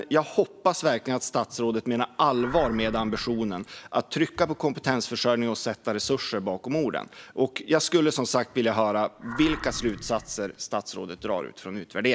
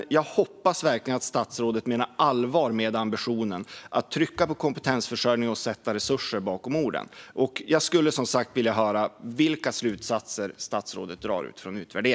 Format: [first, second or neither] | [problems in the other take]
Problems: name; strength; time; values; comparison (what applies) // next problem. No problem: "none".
second | background sound (Animal); 13 dB below the speech